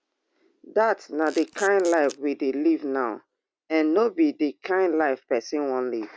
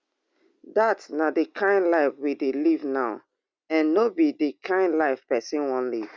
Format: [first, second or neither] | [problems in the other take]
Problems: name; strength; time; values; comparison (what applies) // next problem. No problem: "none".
second | background sound (Camera); 18 dB below the speech